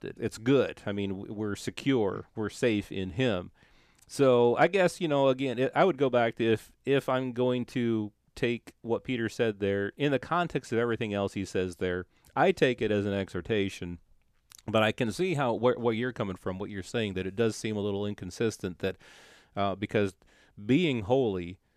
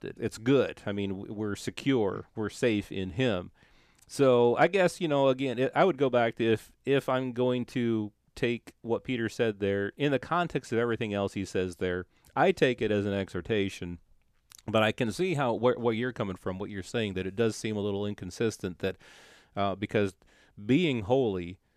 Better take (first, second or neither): neither